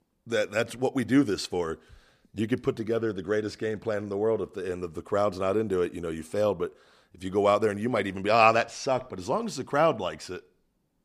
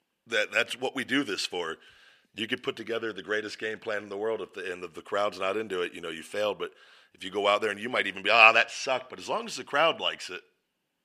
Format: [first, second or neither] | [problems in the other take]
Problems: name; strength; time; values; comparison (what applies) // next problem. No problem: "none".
first | thin; very slightly; fading below 600 Hz